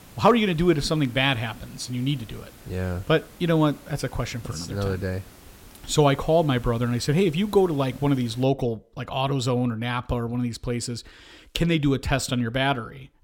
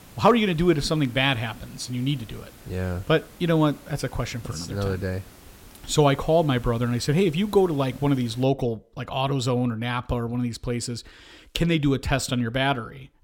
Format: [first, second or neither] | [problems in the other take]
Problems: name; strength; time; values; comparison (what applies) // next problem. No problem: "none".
neither | hiss; faint; until 8.5 s; 25 dB below the speech; the same in both